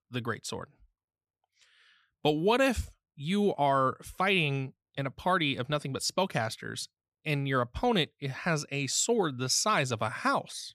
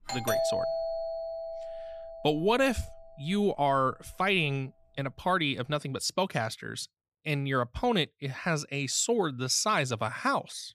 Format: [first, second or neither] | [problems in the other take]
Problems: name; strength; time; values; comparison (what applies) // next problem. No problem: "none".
first | doorbell; loud; until 3 s; peak 1 dB above the speech